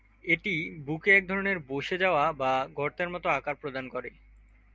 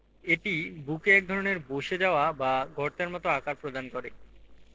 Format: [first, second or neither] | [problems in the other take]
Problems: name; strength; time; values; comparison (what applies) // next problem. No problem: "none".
first | noise reduction (neural separator model SepFormer DNS4)